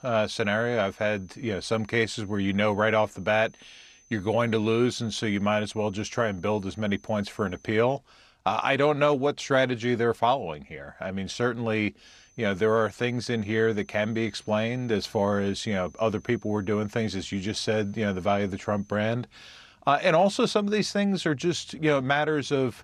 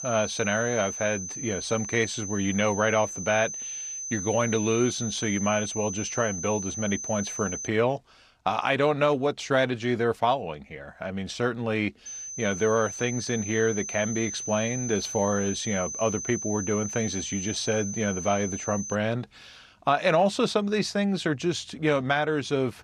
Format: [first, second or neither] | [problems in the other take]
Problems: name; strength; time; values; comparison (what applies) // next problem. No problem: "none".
first | high-pitched whine; loud; until 7.5 s and from 12 to 19 s; 6 kHz, 6 dB below the speech; faint in the first